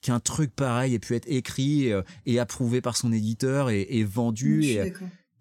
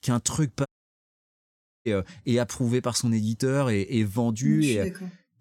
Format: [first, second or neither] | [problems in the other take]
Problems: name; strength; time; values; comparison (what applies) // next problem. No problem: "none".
first | audio cutting out; at 0.5 s for 1 s